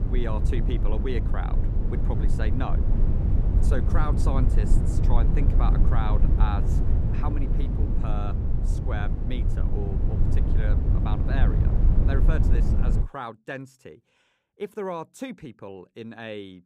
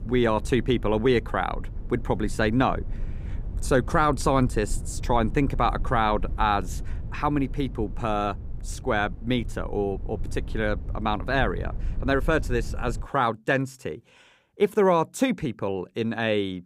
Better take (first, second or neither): second